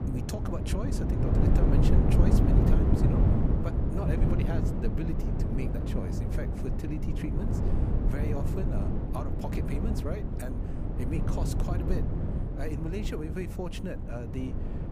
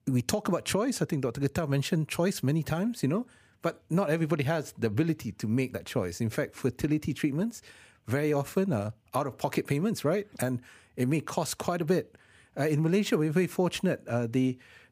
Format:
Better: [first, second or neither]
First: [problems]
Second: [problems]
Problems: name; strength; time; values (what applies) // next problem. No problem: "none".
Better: second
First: wind noise on the microphone; heavy; 3 dB above the speech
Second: none